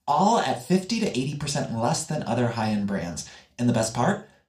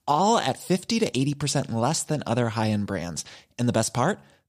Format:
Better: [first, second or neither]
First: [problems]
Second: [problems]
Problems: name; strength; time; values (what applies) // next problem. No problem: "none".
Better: second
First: room echo; slight; dies away in 0.3 s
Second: none